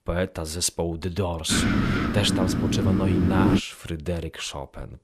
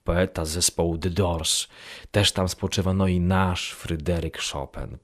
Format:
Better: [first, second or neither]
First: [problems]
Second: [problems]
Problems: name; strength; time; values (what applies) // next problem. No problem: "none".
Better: second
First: wind noise on the microphone; heavy; from 1.5 to 3.5 s; 1 dB above the speech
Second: none